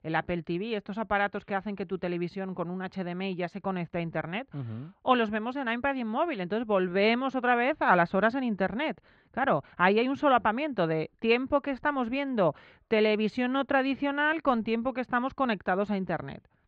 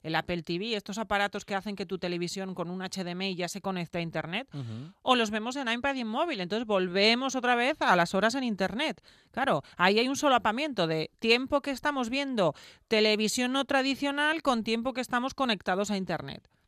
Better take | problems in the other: second | muffled; very; fading above 2.5 kHz

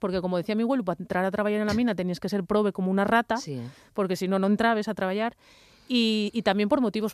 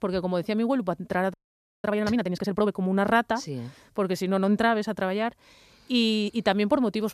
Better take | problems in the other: first | audio freezing; at 1.5 s for 0.5 s

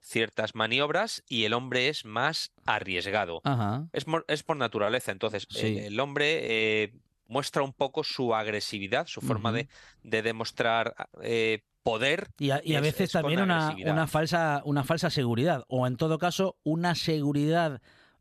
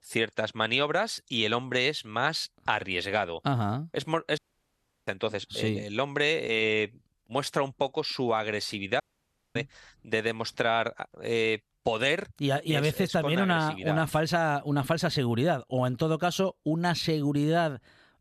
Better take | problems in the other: first | audio cutting out; at 4.5 s for 0.5 s and at 9 s for 0.5 s

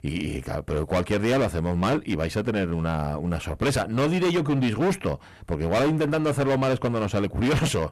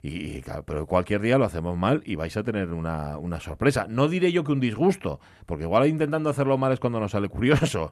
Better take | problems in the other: second | distortion; heavy; 18% of the sound clipped

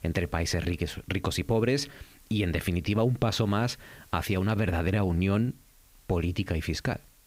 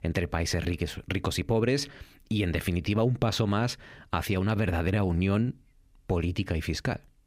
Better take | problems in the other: second | hiss; faint; throughout; 30 dB below the speech

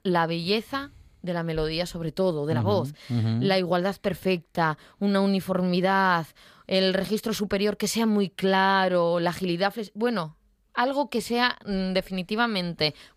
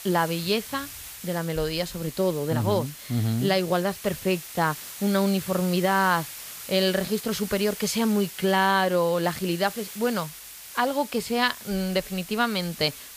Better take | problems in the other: first | hiss; noticeable; throughout; 10 dB below the speech

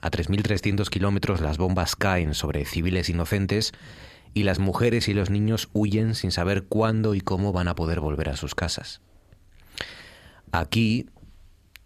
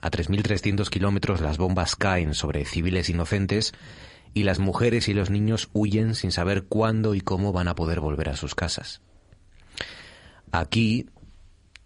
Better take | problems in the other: first | garbled, watery; slightly; nothing above 10.5 kHz

